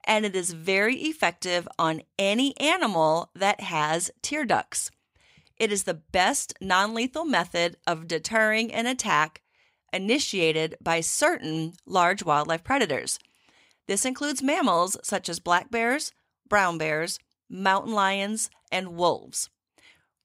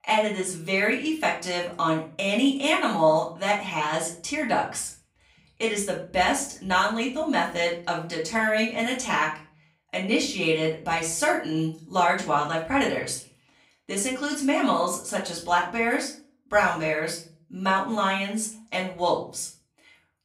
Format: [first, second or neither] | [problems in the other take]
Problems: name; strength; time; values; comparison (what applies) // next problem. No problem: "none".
first | room echo; slight; dies away in 0.4 s // off-mic speech; far